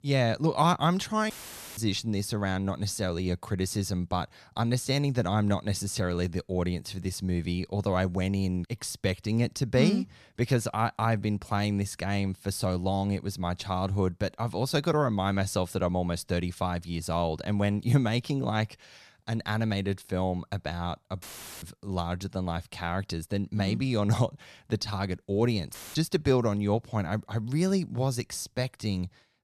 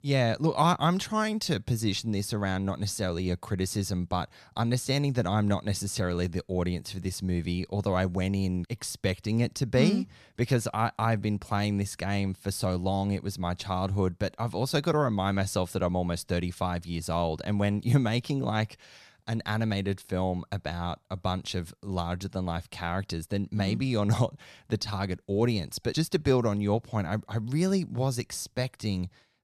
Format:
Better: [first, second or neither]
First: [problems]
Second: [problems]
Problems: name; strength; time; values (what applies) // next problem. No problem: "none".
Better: second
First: audio cutting out; filled with static; at 1.5 s, at 21 s and at 26 s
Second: none